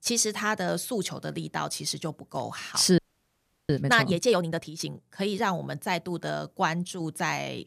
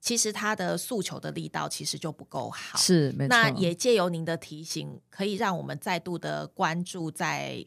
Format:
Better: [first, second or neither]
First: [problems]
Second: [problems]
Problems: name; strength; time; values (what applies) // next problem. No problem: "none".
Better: second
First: audio freezing; at 3 s for 0.5 s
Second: none